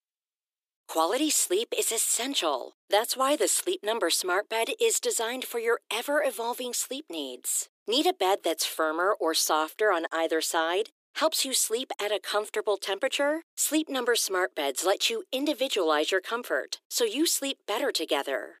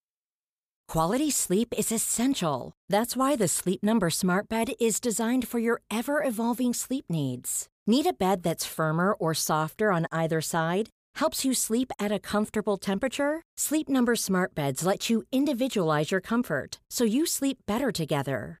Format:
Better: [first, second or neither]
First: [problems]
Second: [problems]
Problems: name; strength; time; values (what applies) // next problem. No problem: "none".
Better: second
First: thin; somewhat; fading below 300 Hz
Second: none